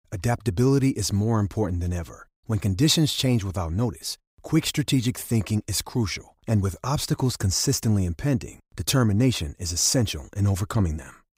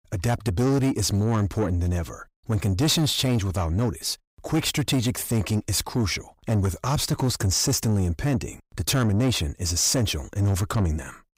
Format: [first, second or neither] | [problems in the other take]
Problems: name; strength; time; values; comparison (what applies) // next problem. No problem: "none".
first | distortion; slight; 10 dB below the speech